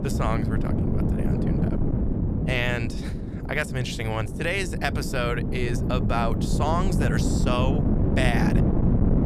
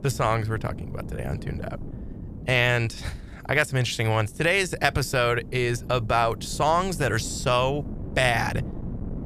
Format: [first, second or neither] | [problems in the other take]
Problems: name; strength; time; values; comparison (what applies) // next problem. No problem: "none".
second | wind noise on the microphone; heavy; 5 dB below the speech; occasional gusts in the second